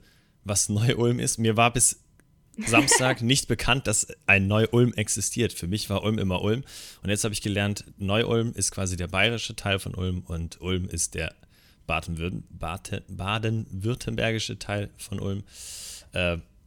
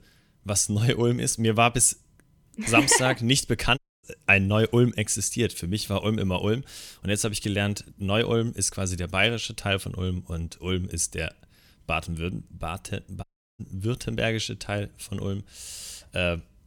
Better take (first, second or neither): first